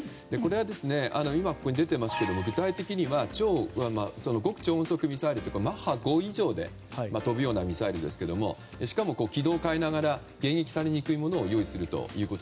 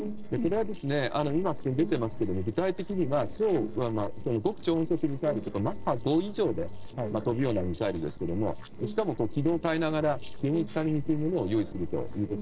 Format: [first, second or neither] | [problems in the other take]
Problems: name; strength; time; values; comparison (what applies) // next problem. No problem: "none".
first | noise reduction (neural separator model SepFormer DNS4)